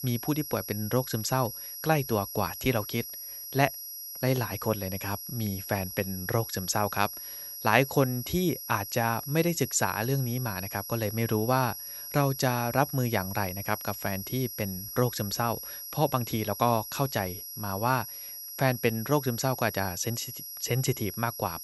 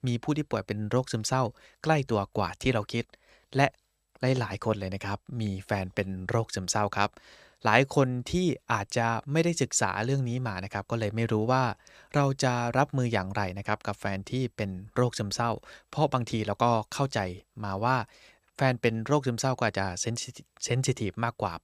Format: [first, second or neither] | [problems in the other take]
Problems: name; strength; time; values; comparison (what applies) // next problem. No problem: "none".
second | high-pitched whine; loud; throughout; 11.5 kHz, 8 dB below the speech